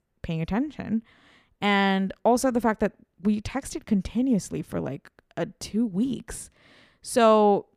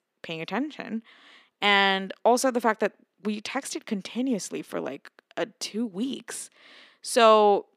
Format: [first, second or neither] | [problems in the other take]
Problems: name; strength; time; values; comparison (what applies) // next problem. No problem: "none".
first | thin; very slightly; fading below 250 Hz